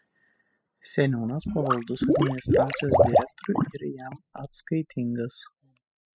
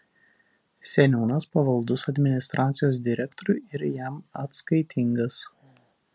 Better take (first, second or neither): second